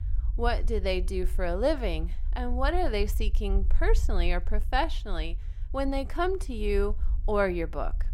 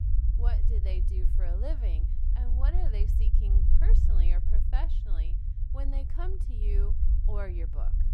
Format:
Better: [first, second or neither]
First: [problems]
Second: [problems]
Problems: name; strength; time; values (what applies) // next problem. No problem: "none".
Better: first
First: low rumble; faint; throughout; 25 dB below the speech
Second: low rumble; loud; throughout; 4 dB below the speech